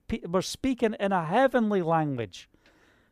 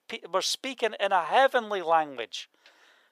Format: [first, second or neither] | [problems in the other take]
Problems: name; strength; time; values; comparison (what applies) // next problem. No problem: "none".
first | thin; very; fading below 700 Hz